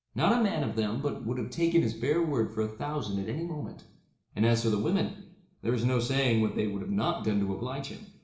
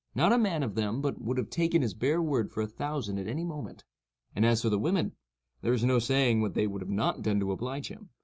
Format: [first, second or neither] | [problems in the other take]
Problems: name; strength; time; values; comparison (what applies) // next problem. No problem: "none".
second | room echo; dies away in 0.7 s